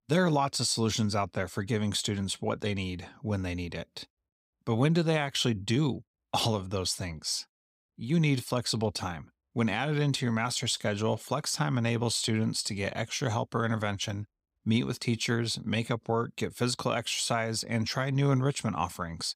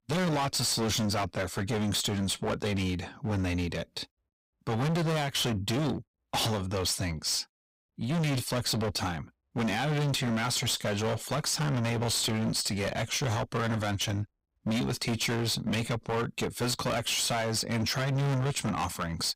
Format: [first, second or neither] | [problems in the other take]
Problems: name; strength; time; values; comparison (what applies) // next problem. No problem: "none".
first | distortion; heavy; 26% of the sound clipped